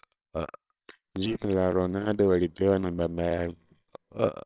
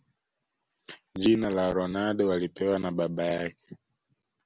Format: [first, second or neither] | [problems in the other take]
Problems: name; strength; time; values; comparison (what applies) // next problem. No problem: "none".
second | noise reduction (neural separator model SepFormer WHAMR!)